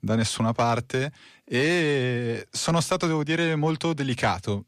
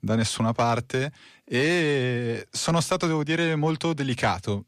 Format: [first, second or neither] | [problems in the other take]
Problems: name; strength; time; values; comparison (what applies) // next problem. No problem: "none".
neither | none